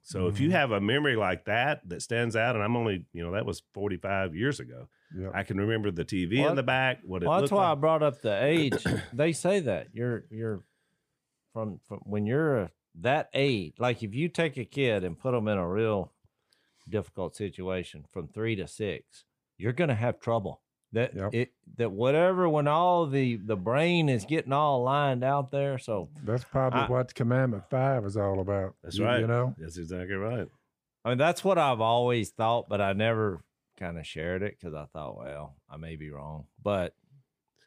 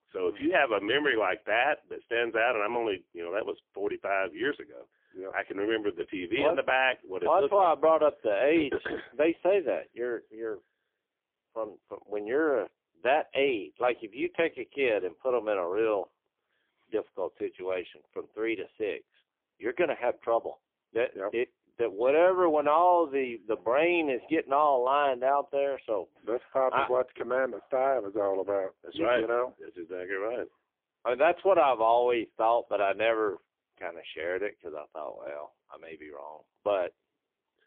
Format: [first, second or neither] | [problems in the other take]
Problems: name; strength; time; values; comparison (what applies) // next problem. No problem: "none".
first | phone-call audio; poor line